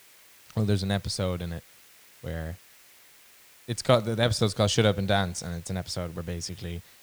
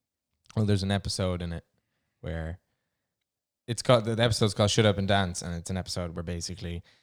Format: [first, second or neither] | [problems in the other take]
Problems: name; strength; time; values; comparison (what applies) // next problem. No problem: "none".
second | hiss; faint; throughout; 25 dB below the speech